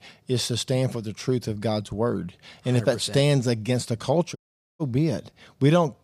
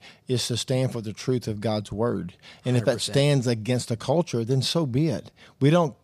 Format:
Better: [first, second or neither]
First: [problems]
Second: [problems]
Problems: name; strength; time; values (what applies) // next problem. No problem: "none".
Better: second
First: audio cutting out; at 4.5 s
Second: none